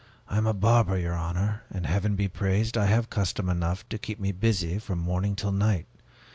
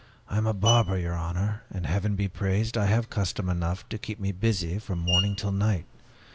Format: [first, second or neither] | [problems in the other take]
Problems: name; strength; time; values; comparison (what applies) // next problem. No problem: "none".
first | background sound (Screech); 12 dB below the speech